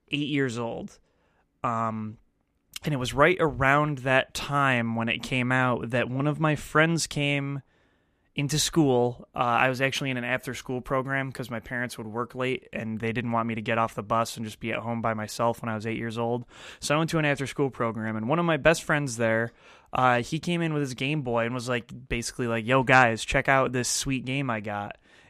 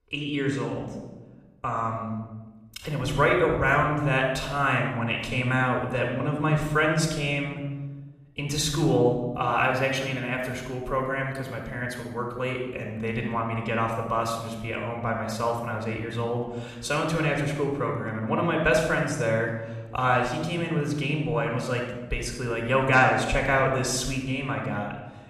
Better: first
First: none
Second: room echo; noticeable; dies away in 1 s // off-mic speech; somewhat distant

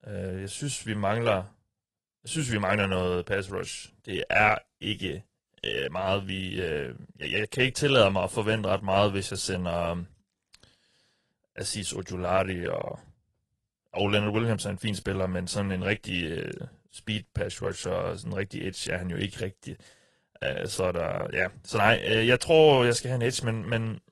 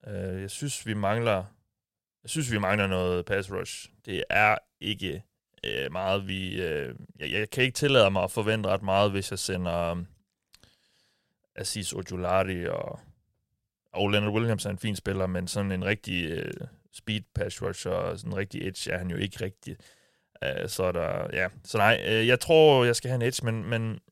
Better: second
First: garbled, watery; slightly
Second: none

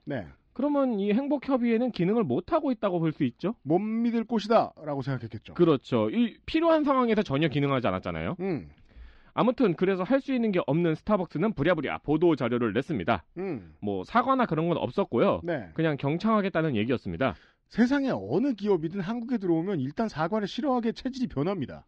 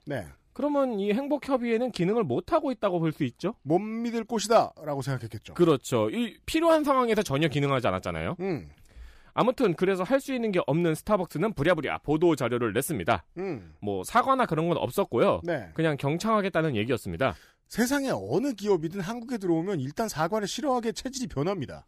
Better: second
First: muffled; very slightly; fading above 4.5 kHz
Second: none

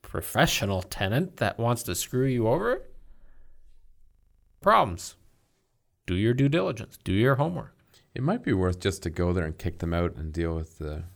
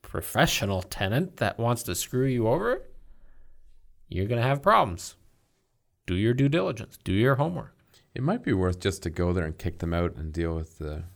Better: second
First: audio freezing; at 4 s for 0.5 s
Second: none

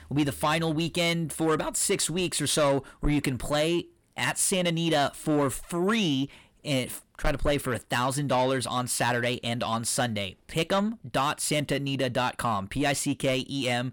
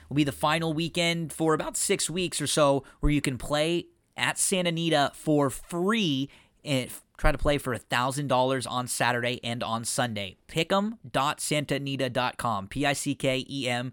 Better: second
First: distortion; slight; 10 dB below the speech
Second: none

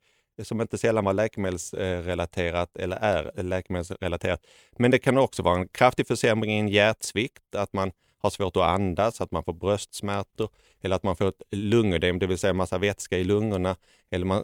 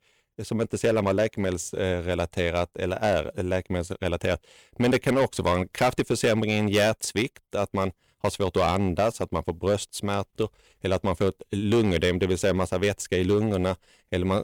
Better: first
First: none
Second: distortion; slight; 5% of the sound clipped

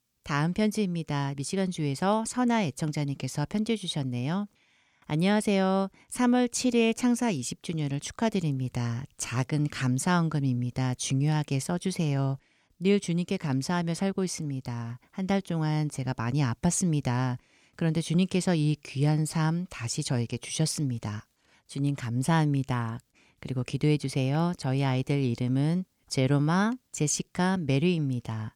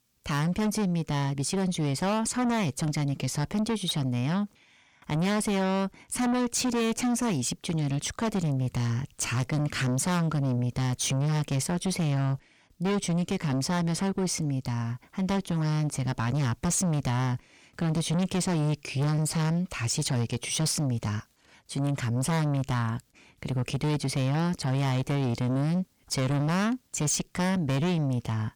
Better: first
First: none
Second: distortion; heavy; 7 dB below the speech

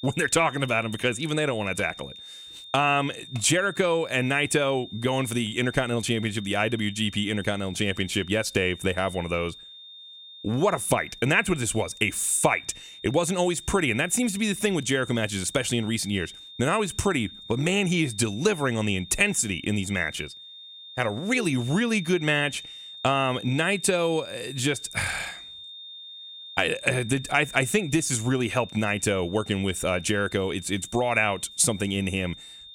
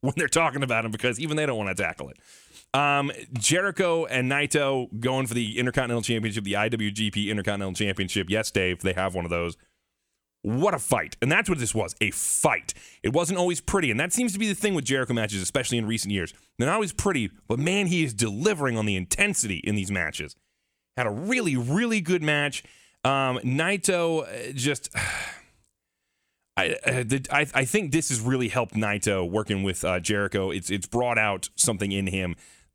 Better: second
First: high-pitched whine; noticeable; throughout; 3.5 kHz, 15 dB below the speech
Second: none

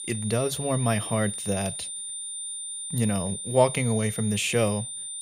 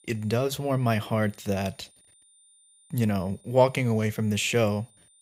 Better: second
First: high-pitched whine; loud; throughout; 9 kHz, 6 dB below the speech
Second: high-pitched whine; faint; throughout; 9 kHz, 30 dB below the speech

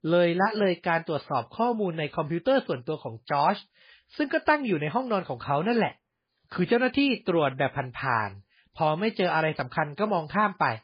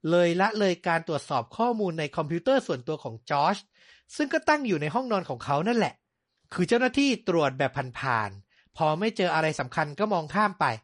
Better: second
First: garbled, watery; badly; nothing above 5 kHz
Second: garbled, watery; slightly; nothing above 9.5 kHz

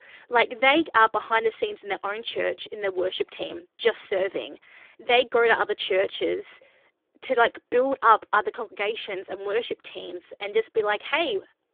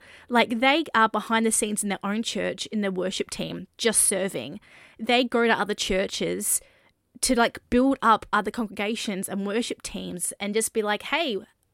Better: second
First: phone-call audio; poor line; nothing above 3.5 kHz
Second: none

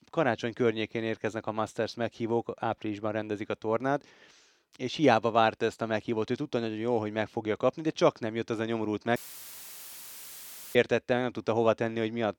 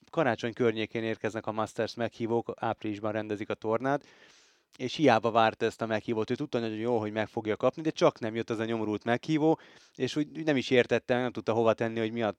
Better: second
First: audio cutting out; filled with static; at 9 s for 1.5 s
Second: none

